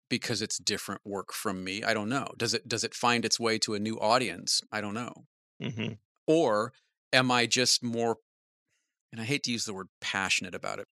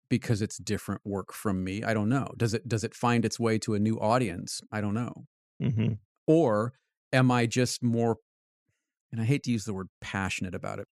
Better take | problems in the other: second | thin; somewhat; fading below 1 kHz

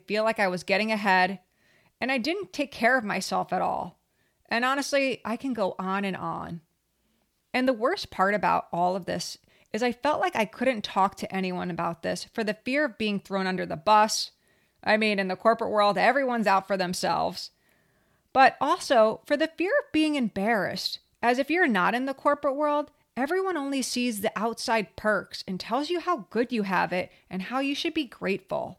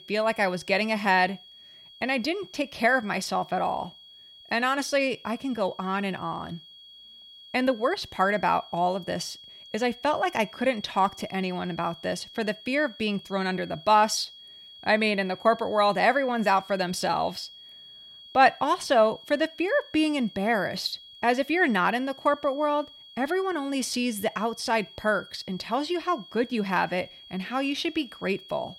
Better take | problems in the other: first | high-pitched whine; noticeable; throughout; 3.5 kHz, 20 dB below the speech

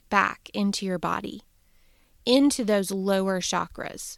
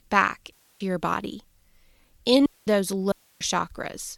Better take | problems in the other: first | audio cutting out; at 0.5 s, at 2.5 s and at 3 s

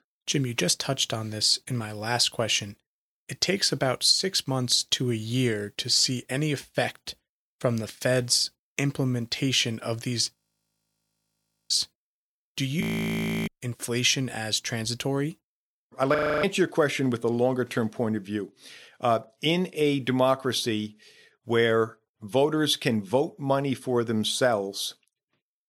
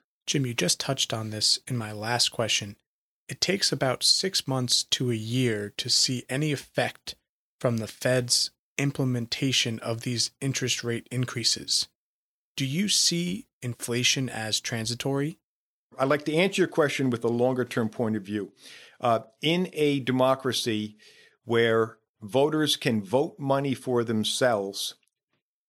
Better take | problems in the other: second | audio freezing; at 10 s for 1.5 s, at 13 s for 0.5 s and at 16 s

